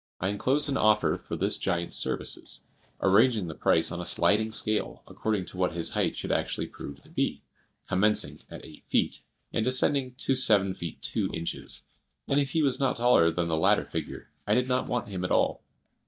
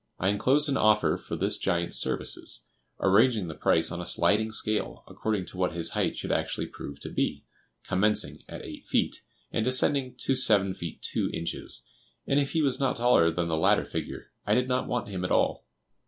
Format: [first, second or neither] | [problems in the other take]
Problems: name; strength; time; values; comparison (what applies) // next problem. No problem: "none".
second | noise reduction (neural mask model DeepFilterNet 3)